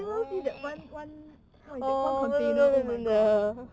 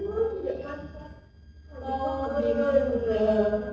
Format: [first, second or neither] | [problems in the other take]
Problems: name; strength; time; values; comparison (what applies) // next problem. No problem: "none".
first | noise reduction (neural separator model SepFormer DNS4)